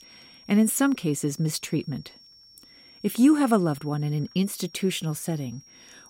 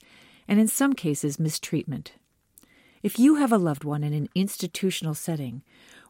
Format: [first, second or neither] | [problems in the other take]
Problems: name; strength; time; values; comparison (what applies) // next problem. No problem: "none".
second | high-pitched whine; faint; throughout; 5.5 kHz, 25 dB below the speech